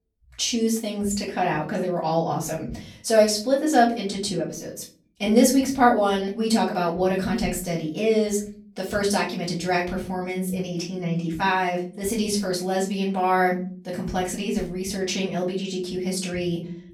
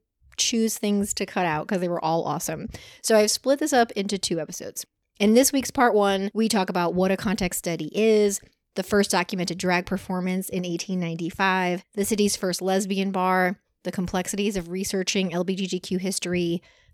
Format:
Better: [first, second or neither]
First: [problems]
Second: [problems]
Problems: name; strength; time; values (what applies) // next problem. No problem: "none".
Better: second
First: off-mic speech; far // room echo; slight; dies away in 0.4 s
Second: none